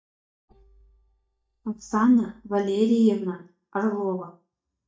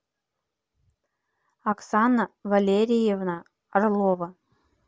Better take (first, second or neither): second